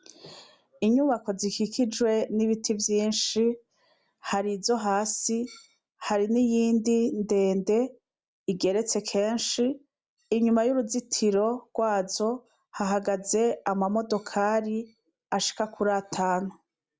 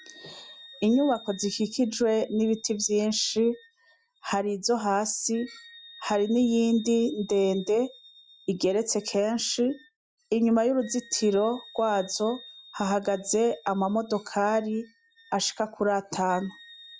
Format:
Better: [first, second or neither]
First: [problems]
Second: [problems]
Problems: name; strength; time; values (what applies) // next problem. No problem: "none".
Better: first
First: none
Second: noise reduction (classical method Wiener filter)